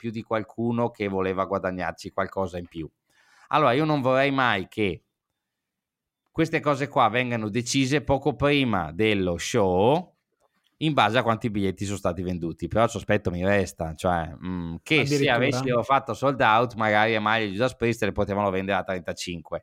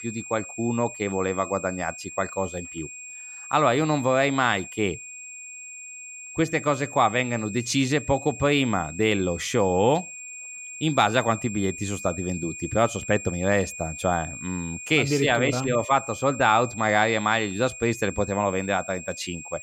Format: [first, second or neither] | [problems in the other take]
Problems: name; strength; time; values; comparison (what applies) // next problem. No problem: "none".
first | high-pitched whine; noticeable; throughout; 2.5 kHz, 10 dB below the speech